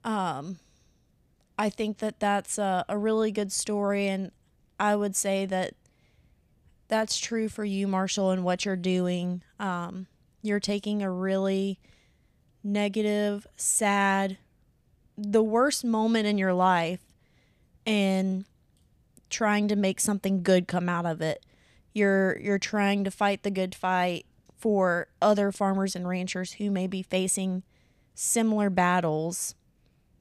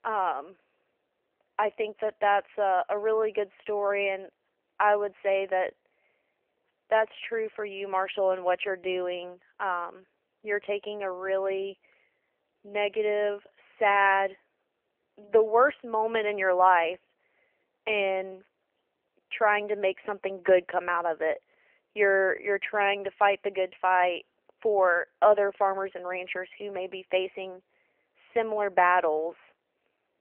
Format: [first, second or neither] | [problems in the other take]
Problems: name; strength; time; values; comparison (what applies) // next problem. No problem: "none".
first | phone-call audio; nothing above 3 kHz